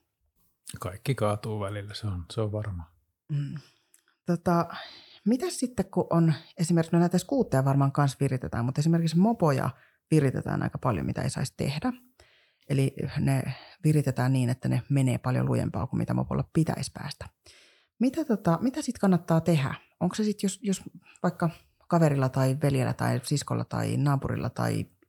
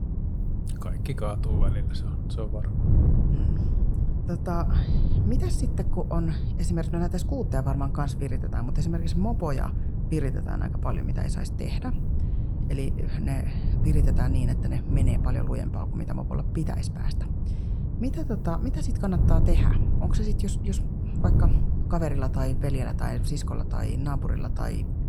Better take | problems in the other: first | wind noise on the microphone; heavy; 4 dB below the speech

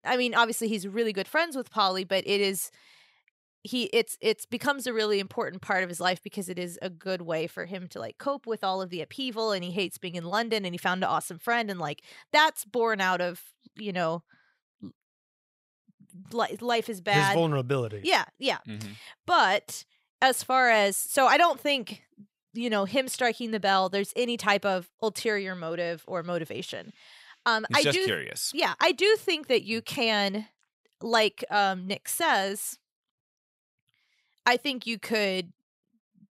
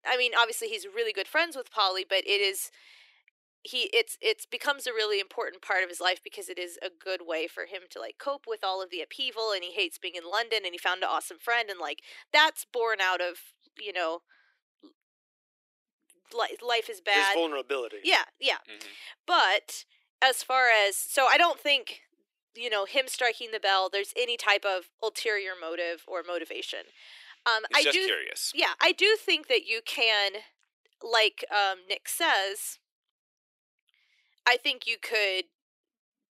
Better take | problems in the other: first | thin; very; fading below 300 Hz

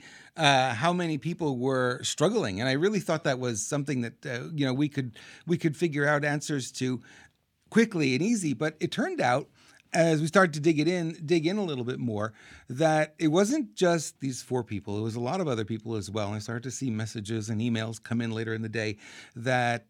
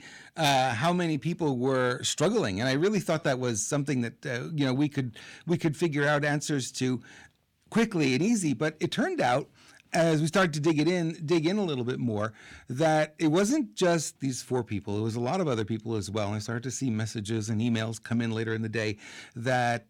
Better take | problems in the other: first | distortion; slight; 10 dB below the speech

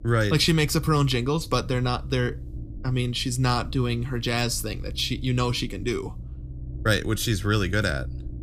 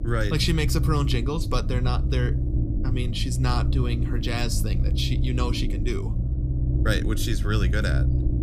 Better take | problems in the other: first | low rumble; loud; throughout; 8 dB below the speech; faint in the first

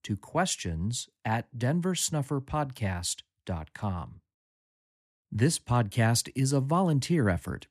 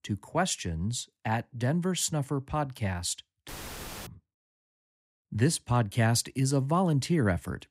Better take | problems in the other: first | audio cutting out; filled with static; at 3.5 s for 0.5 s

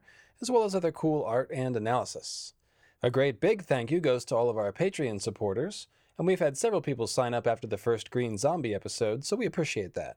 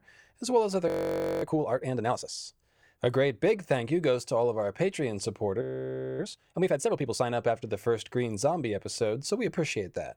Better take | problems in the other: first | audio freezing; at 1 s for 0.5 s and at 5.5 s for 0.5 s

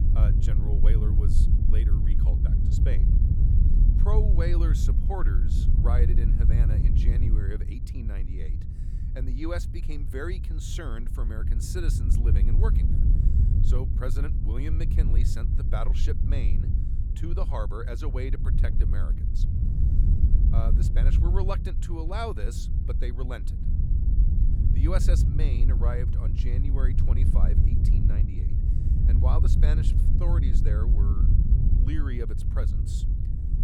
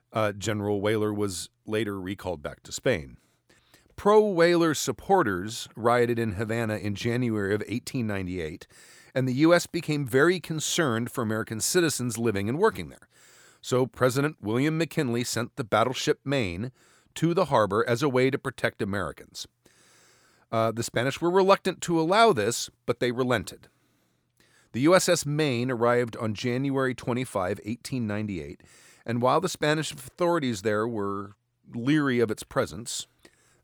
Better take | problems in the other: second | wind noise on the microphone; heavy; 3 dB below the speech

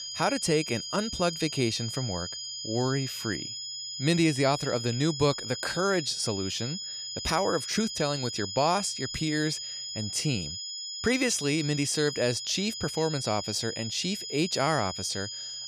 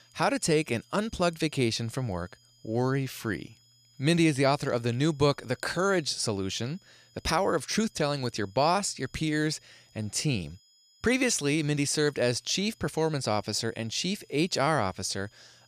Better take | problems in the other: second | high-pitched whine; loud; throughout; 5 kHz, 6 dB below the speech; faint in the second

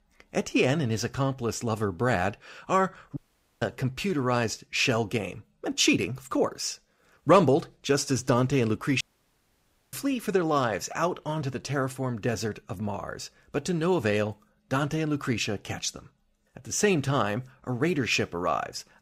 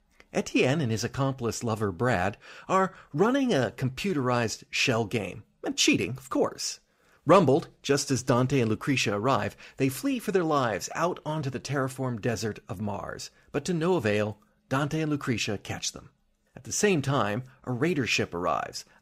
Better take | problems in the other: second | audio cutting out; at 3 s and at 9 s for 1 s

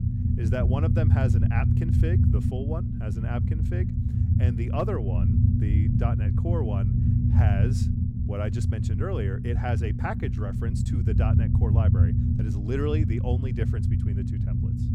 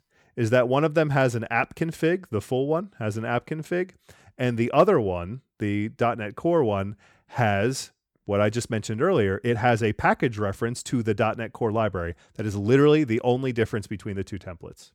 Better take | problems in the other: second | low rumble; loud; throughout; 1 dB below the speech

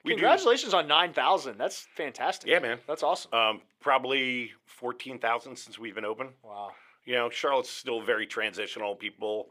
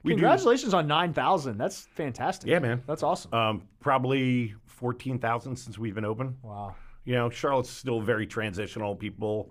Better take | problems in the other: second | thin; somewhat; fading below 450 Hz

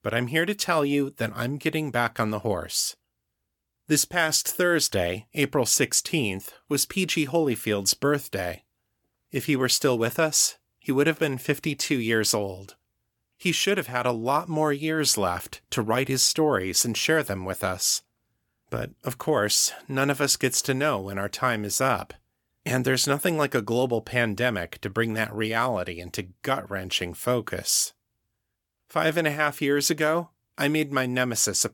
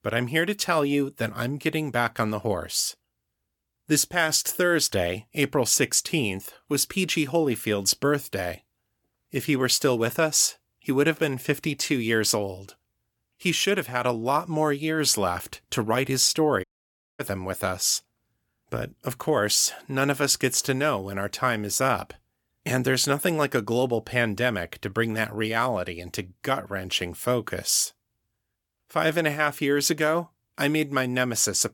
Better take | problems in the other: first | audio cutting out; at 17 s for 0.5 s

